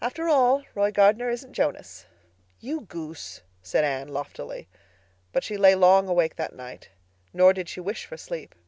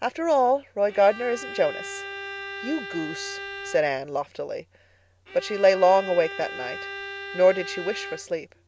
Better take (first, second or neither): first